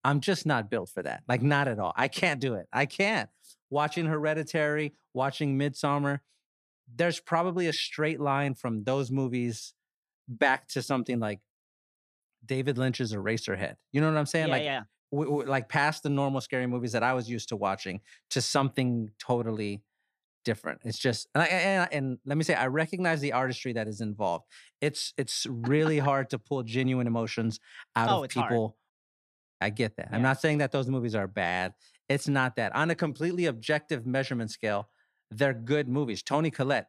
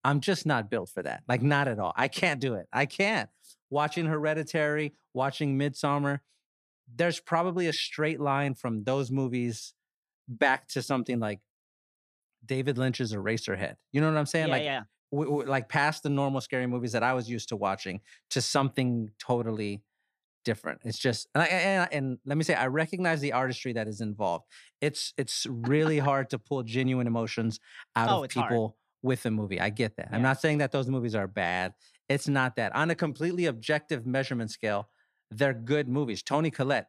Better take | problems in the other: second | audio cutting out; at 29 s for 0.5 s

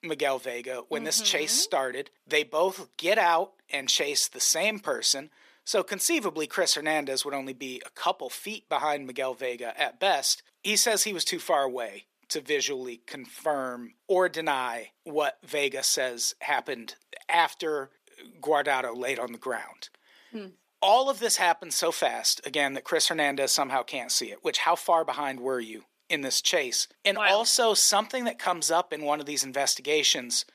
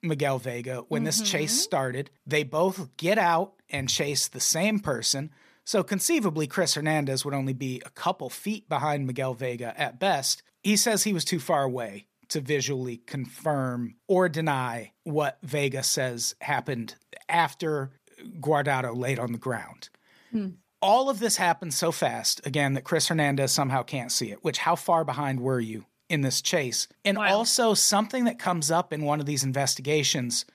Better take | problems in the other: second | thin; somewhat; fading below 350 Hz

